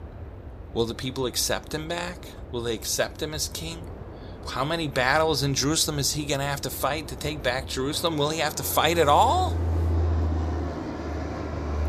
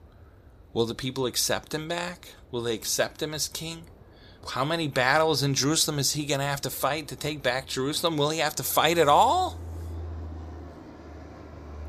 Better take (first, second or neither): second